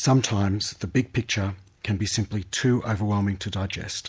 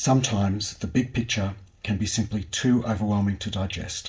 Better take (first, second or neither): first